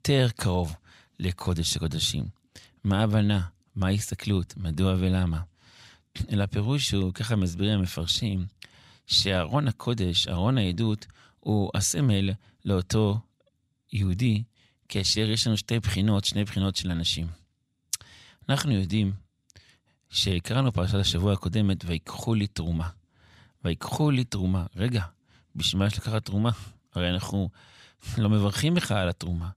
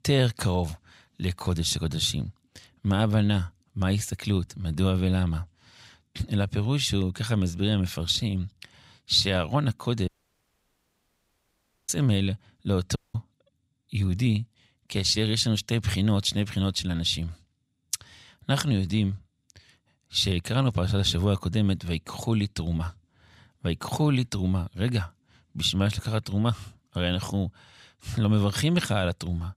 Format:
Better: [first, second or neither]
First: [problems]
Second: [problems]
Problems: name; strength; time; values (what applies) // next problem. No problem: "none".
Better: first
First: none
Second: audio cutting out; at 10 s for 2 s and at 13 s